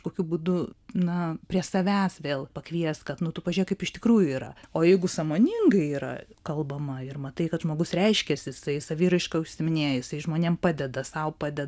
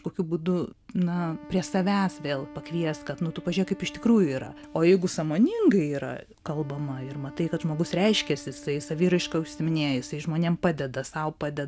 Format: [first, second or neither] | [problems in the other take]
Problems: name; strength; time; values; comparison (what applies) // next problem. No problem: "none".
first | background sound (Wind instrument, woodwind instrument); 19 dB below the speech